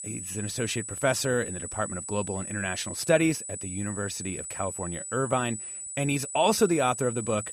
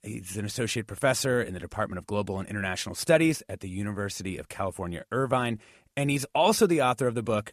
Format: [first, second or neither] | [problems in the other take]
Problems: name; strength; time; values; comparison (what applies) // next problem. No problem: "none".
second | high-pitched whine; loud; throughout; 8 kHz, 7 dB below the speech